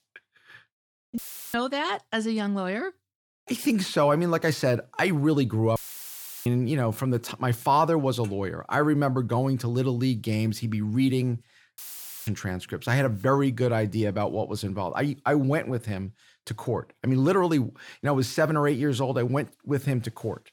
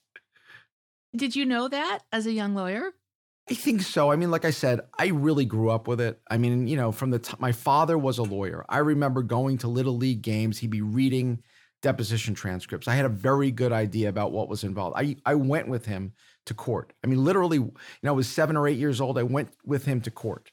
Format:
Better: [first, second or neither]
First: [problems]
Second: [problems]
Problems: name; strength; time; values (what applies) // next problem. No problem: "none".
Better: second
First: audio cutting out; filled with static; at 1 s, at 6 s for 0.5 s and at 12 s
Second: none